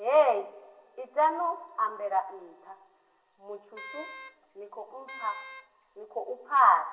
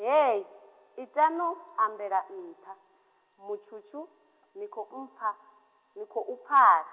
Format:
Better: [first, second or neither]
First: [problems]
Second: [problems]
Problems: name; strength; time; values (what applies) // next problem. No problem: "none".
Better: second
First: background sound (Wind instrument, woodwind instrument); 17 dB below the speech // room echo; dies away in 0.8 s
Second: none